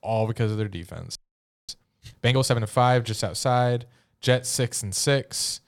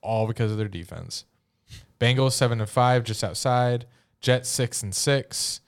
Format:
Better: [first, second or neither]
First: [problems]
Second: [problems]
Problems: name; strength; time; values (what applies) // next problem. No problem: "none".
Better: second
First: audio freezing; at 1 s for 0.5 s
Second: none